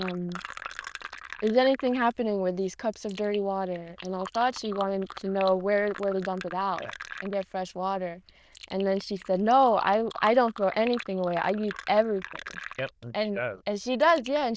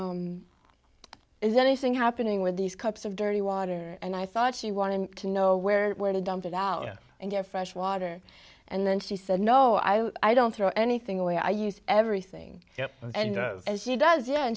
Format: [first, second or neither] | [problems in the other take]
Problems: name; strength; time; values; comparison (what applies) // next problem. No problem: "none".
second | noise reduction (neural diffusion model UNIVERSE++)